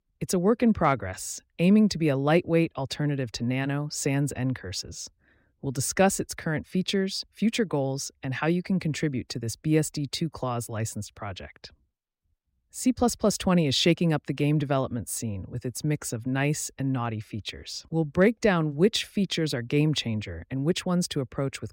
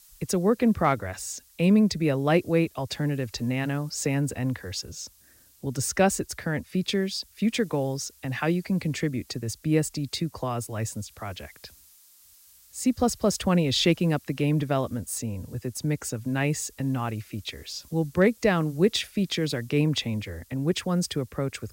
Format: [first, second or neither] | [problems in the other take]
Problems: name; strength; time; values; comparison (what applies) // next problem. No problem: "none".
first | hiss; faint; throughout; 25 dB below the speech